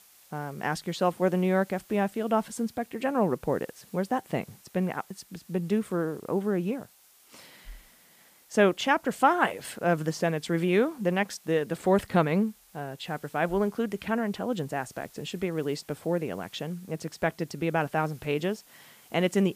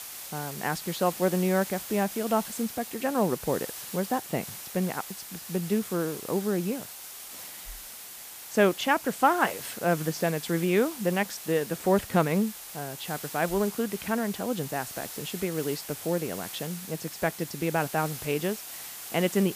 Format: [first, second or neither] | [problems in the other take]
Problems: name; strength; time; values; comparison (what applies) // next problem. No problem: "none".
first | hiss; loud; throughout; 9 dB below the speech; faint in the first